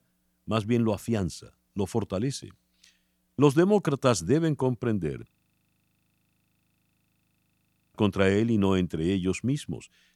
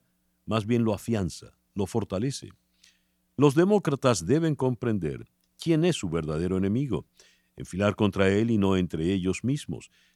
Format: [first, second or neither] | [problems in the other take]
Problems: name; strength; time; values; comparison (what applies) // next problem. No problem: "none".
second | audio freezing; at 5.5 s for 2.5 s